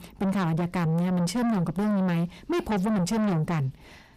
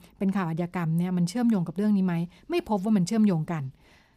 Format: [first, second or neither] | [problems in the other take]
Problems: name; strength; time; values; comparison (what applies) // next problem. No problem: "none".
second | distortion; heavy; 7 dB below the speech